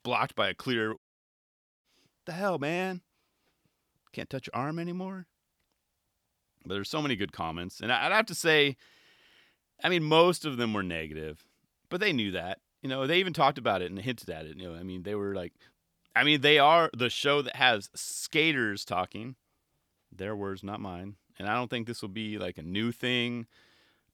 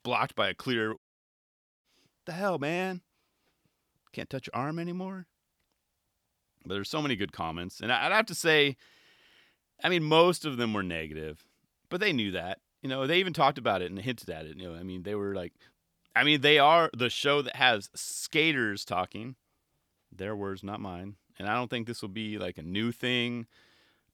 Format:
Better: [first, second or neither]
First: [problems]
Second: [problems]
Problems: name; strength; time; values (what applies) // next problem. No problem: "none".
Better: neither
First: audio cutting out; at 1 s for 1 s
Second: audio cutting out; at 1 s for 1 s